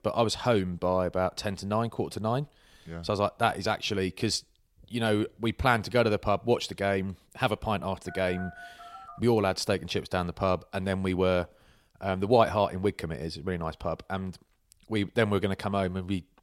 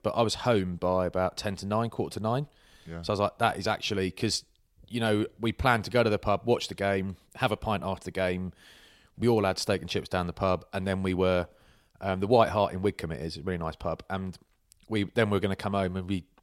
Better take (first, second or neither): second